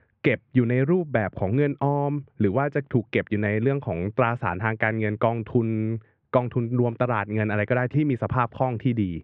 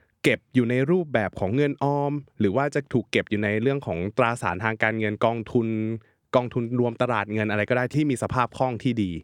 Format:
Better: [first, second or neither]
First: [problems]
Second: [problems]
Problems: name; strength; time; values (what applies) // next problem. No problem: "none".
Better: second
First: muffled; very; fading above 2.5 kHz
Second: none